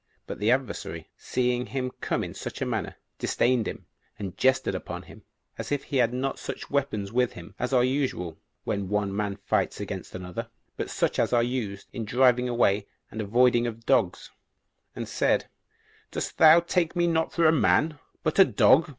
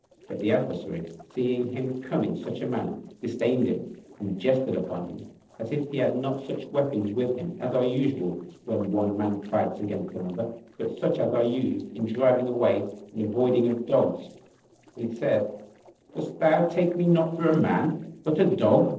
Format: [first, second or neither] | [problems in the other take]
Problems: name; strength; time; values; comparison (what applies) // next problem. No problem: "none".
first | noise reduction (neural separator model SepFormer DNS4)